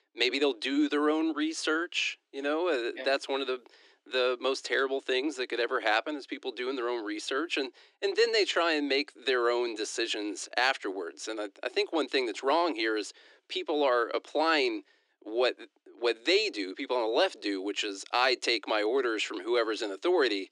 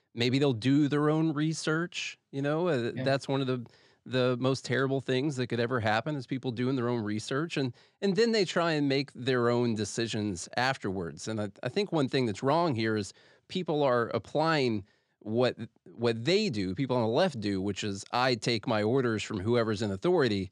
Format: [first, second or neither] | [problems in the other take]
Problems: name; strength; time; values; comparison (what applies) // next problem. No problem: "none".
second | thin; somewhat; fading below 300 Hz